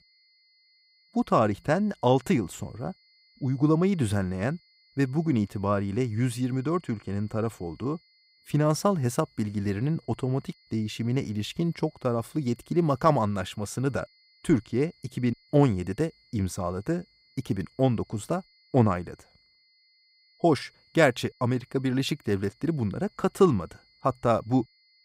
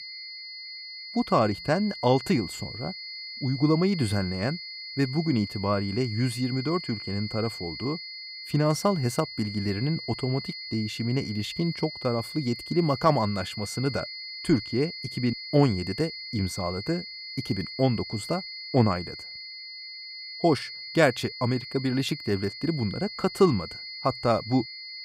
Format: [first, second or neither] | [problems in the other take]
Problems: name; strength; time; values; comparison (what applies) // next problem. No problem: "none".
first | high-pitched whine; loud; throughout; 4.5 kHz, 9 dB below the speech; faint in the first